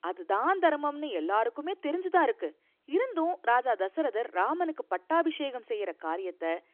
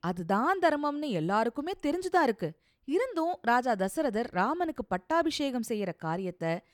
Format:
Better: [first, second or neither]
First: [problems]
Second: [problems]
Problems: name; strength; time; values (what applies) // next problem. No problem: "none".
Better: second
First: phone-call audio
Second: none